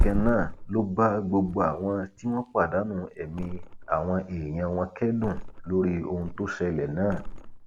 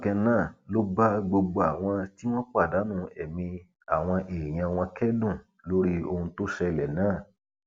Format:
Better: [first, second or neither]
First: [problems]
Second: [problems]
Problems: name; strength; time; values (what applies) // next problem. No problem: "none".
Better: second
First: background sound (Thump, thud); 6 dB below the speech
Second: none